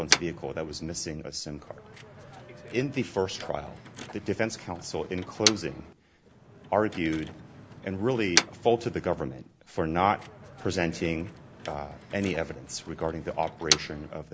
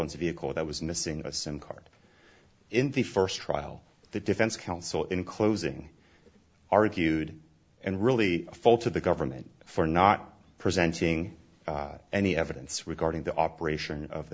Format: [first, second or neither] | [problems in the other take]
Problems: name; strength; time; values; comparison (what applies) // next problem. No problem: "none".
second | background sound (Motor vehicle (road)); 4 dB below the speech